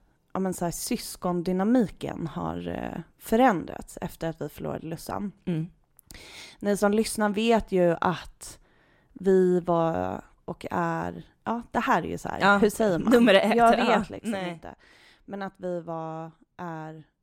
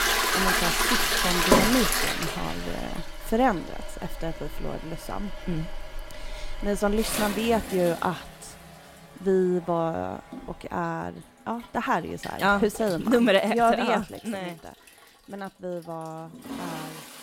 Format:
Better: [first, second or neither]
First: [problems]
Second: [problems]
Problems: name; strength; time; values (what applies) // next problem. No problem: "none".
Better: first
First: none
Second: household noises; very loud; throughout; 1 dB above the speech